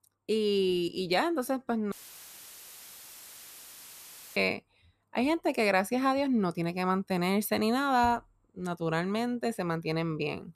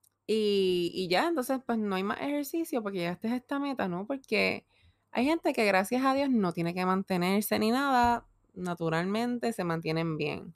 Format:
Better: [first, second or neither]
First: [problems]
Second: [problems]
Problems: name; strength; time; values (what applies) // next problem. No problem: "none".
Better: second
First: audio cutting out; filled with static; at 2 s for 2.5 s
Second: none